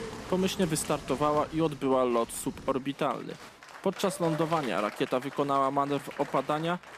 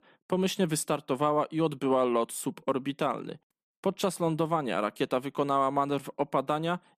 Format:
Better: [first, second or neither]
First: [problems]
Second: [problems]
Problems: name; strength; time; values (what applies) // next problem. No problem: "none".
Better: second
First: crowd noise; noticeable; throughout; 15 dB below the speech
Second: none